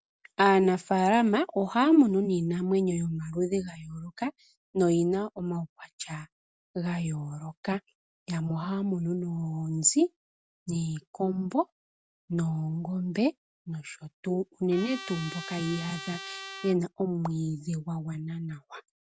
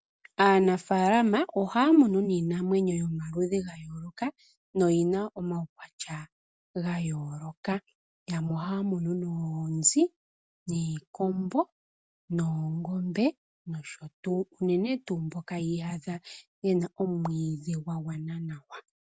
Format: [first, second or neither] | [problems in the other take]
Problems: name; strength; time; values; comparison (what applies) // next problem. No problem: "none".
second | background sound (Trumpet); 12 dB below the speech